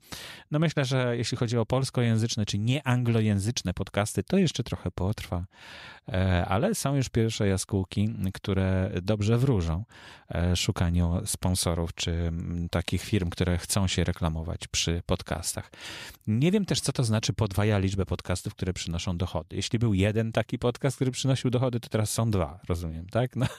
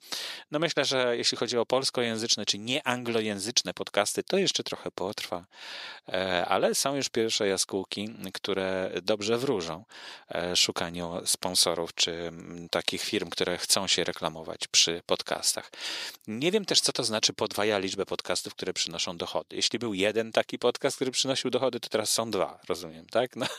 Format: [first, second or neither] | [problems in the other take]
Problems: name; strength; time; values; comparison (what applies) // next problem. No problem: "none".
first | thin; somewhat; fading below 400 Hz